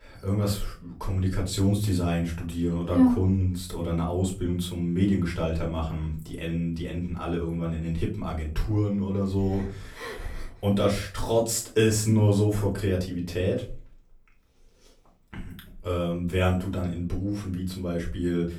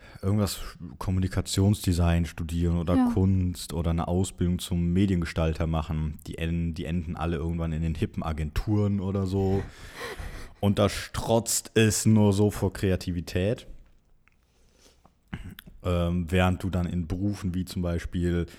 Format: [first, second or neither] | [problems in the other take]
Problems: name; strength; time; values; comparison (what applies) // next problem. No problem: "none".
second | off-mic speech; far // room echo; slight; dies away in 0.3 s